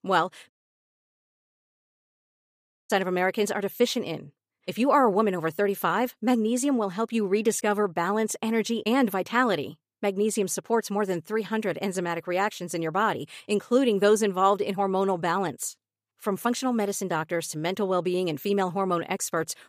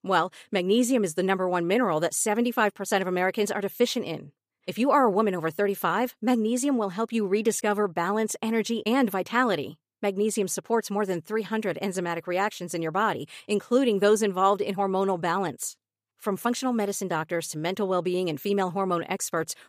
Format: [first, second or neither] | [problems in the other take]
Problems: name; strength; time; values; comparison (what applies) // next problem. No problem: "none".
second | audio cutting out; at 0.5 s for 2.5 s